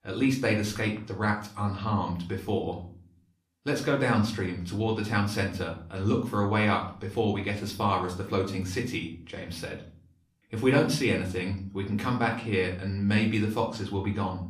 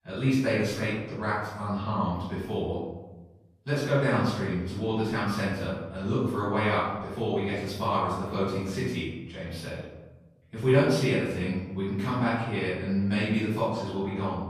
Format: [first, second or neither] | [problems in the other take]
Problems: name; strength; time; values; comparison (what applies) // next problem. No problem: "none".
first | room echo; strong; dies away in 1.1 s; slight in the first // off-mic speech; far; far in the first